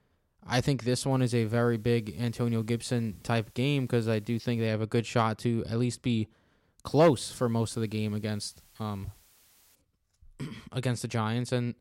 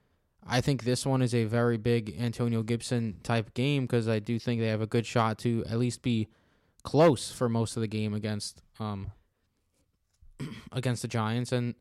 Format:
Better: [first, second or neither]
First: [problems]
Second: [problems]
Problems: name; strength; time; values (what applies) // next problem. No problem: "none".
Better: second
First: hiss; faint; from 1 to 4.5 s and from 7 to 10 s; 30 dB below the speech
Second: none